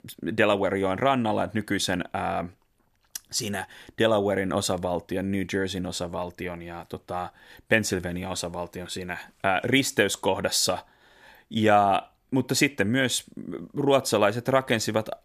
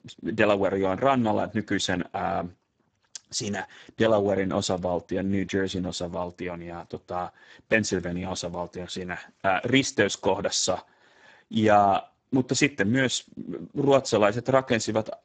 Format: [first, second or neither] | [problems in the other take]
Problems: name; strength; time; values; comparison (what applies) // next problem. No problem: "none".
first | garbled, watery; badly; nothing above 7.5 kHz